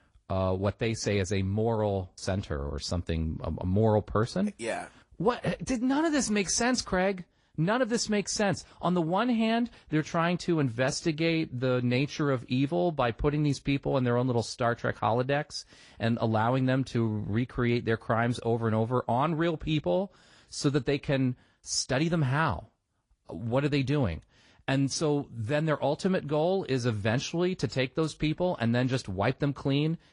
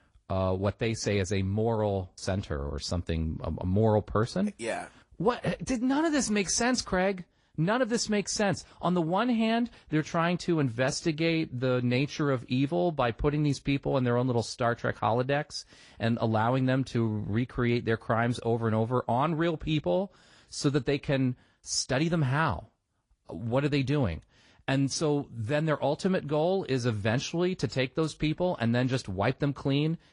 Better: neither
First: garbled, watery; slightly; nothing above 10.5 kHz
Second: garbled, watery; slightly; nothing above 10.5 kHz

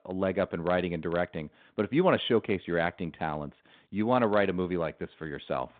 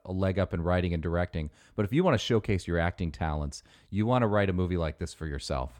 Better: second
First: phone-call audio; nothing above 3.5 kHz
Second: none

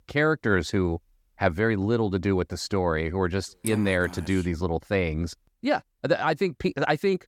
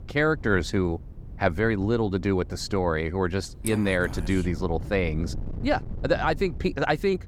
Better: first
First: none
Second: wind noise on the microphone; occasional gusts; 25 dB below the speech

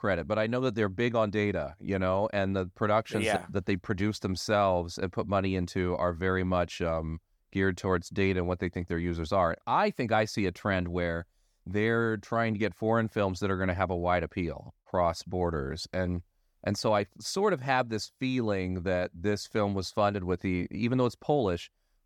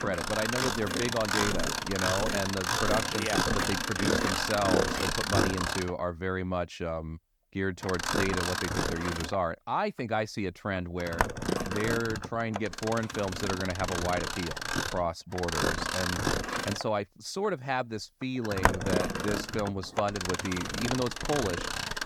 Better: first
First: none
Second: machinery noise; very loud; throughout; 2 dB above the speech

